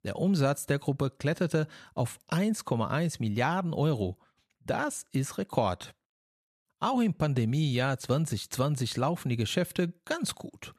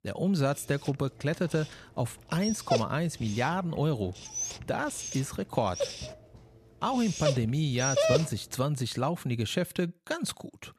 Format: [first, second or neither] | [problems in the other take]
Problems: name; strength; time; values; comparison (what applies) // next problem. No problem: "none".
first | dog barking; loud; from 2.5 to 8 s; peak 5 dB above the speech